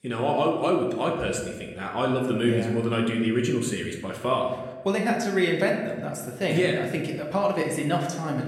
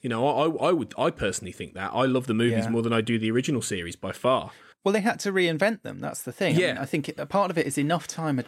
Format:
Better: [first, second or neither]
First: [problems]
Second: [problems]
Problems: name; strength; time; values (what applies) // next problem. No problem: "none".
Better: second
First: room echo; noticeable; dies away in 1 s // off-mic speech; somewhat distant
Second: none